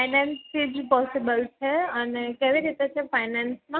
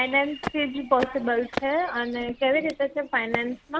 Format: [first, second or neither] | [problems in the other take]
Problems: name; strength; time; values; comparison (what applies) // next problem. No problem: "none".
first | background sound (Walk, footsteps); 11 dB below the speech